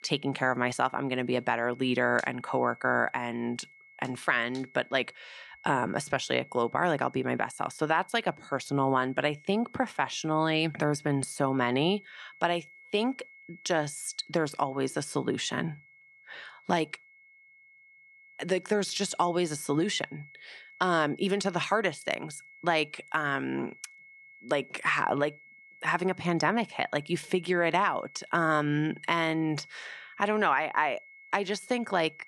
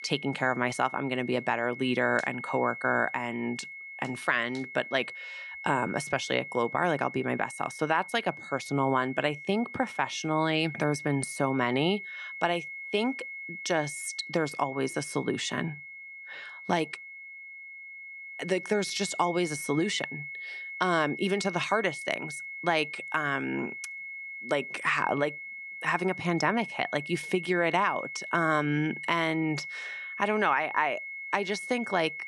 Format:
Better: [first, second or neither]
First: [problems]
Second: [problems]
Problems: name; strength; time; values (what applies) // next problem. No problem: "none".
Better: first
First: high-pitched whine; faint; throughout; 2 kHz, 25 dB below the speech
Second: high-pitched whine; loud; throughout; 2 kHz, 9 dB below the speech